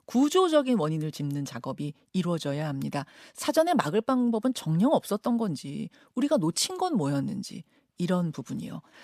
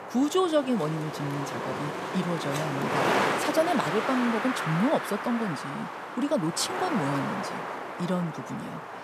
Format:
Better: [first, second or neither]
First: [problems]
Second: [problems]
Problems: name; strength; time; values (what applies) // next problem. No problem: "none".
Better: first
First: none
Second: wind noise on the microphone; heavy; as loud as the speech